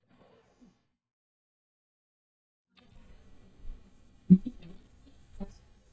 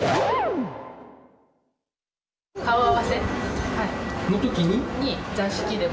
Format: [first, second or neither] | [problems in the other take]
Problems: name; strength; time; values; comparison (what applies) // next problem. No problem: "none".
second | noise reduction (neural mask model DeepFilterNet 3)